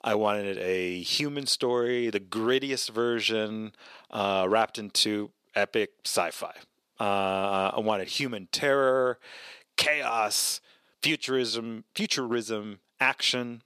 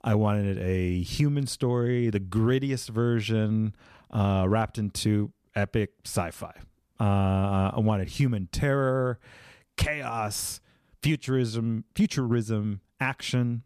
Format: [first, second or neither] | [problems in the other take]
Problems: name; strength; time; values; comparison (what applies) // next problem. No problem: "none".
second | thin; somewhat; fading below 450 Hz